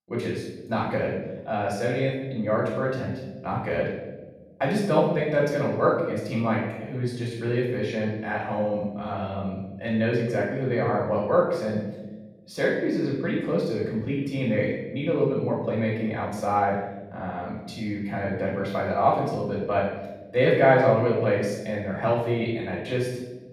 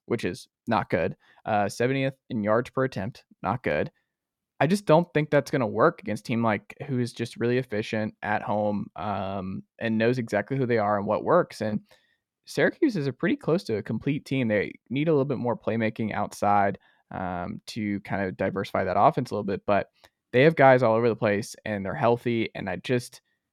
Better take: second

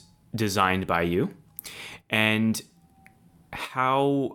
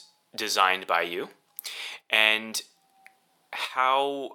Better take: first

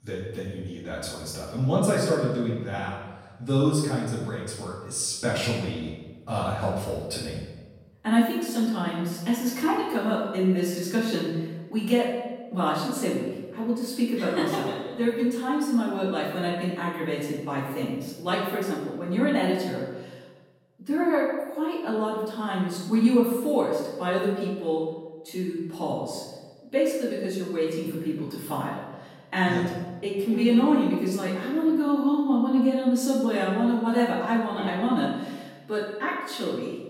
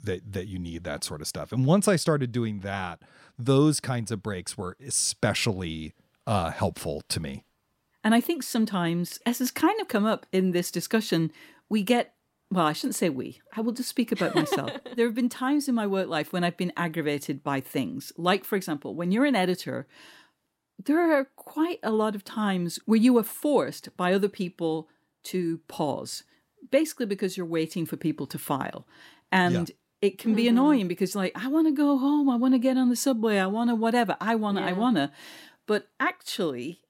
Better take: second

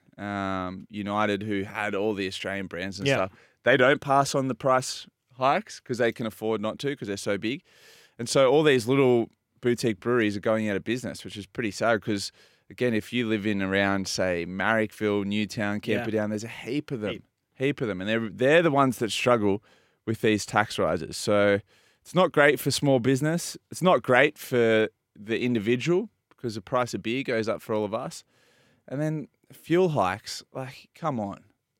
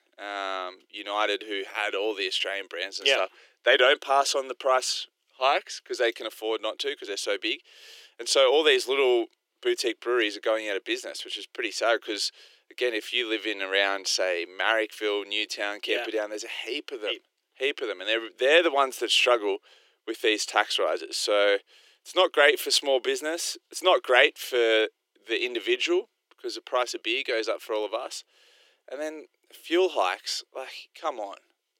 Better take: first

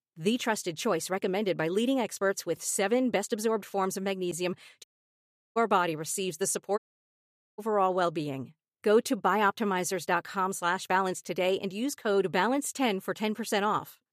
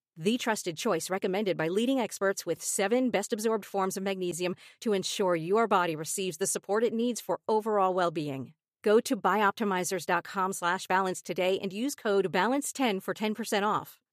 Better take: second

